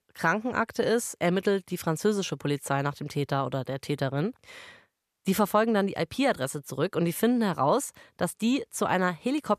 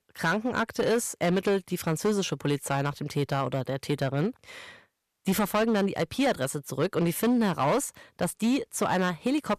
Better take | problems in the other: first | distortion; slight; 8% of the sound clipped

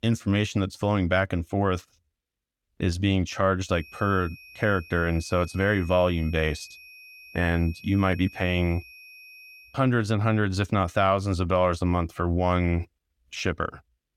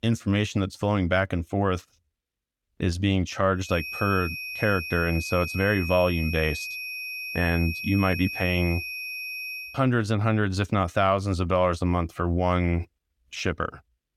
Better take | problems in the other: first | high-pitched whine; loud; from 3.5 to 9.5 s; 2.5 kHz, 7 dB below the speech; faint in the first

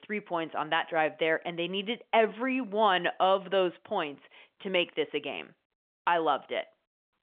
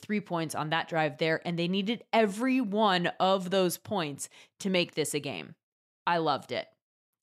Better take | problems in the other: second | phone-call audio; nothing above 3 kHz

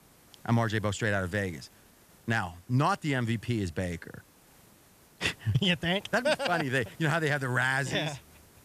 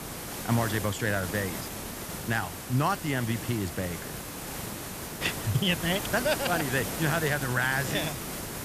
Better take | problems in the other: first | hiss; loud; throughout; 6 dB below the speech; faint in the first

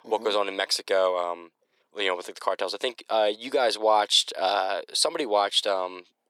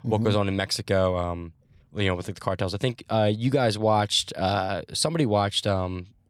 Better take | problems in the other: second | thin; very; fading below 400 Hz

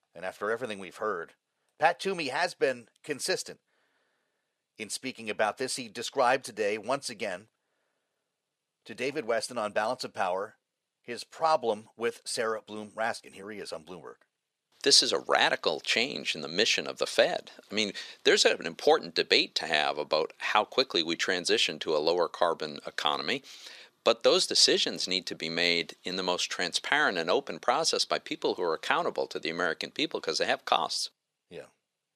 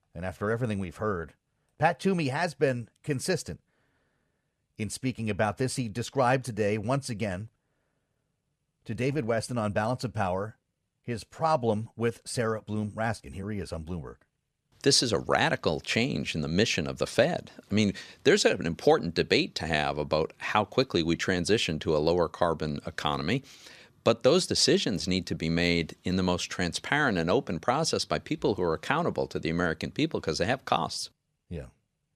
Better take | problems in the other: second | thin; somewhat; fading below 400 Hz

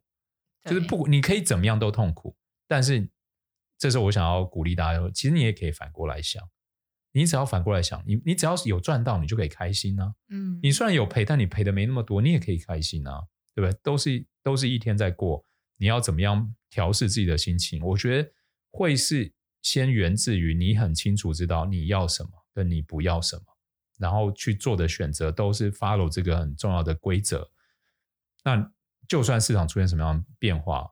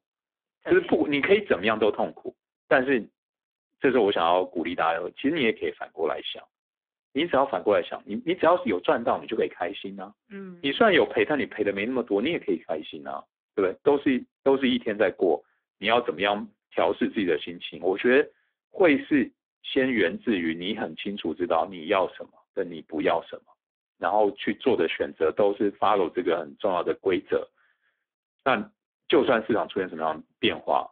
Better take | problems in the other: first | phone-call audio; poor line; nothing above 3.5 kHz

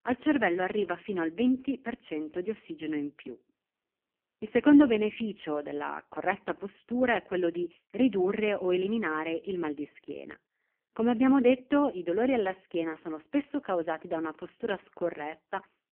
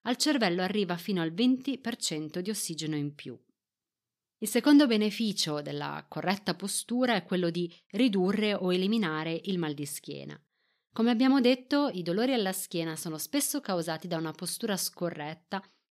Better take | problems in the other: second | phone-call audio; poor line; nothing above 3 kHz

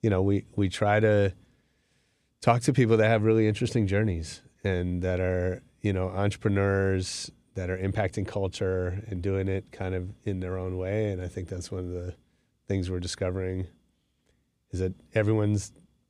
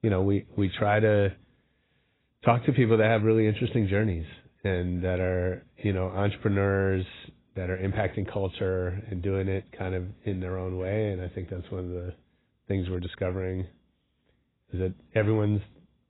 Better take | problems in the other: first | garbled, watery; badly; nothing above 4 kHz

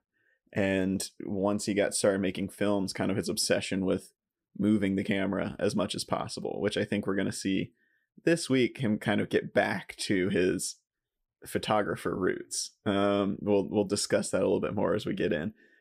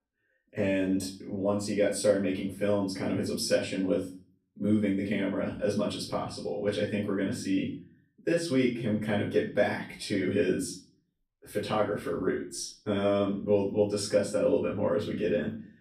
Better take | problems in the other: first | off-mic speech; far // room echo; slight; dies away in 0.4 s

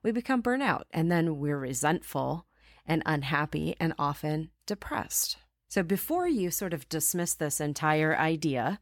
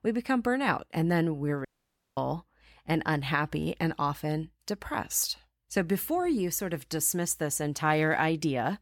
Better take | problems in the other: first | audio cutting out; at 1.5 s for 0.5 s

